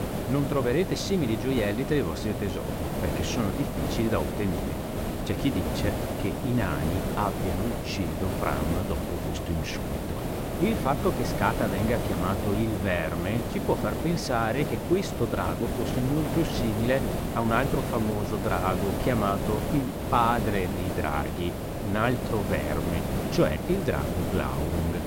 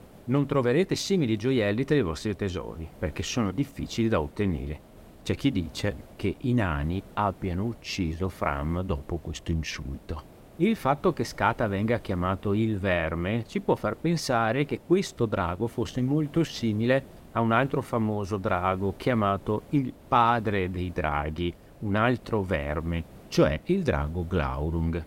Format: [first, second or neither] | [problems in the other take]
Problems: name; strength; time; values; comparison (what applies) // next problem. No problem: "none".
second | hiss; loud; throughout; 2 dB below the speech; faint in the second